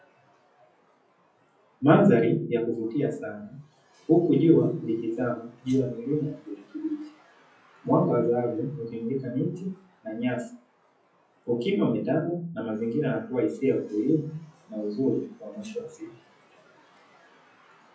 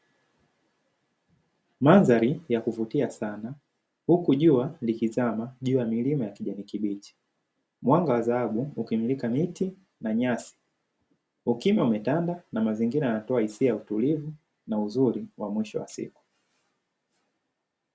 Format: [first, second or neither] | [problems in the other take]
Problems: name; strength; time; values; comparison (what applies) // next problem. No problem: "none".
second | noise reduction (classical method WPE with log-MMSE)